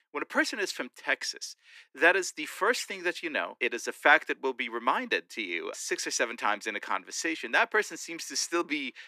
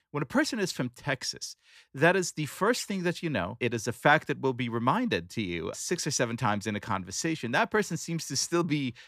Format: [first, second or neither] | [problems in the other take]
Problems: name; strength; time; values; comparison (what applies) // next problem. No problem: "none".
second | thin; somewhat; fading below 300 Hz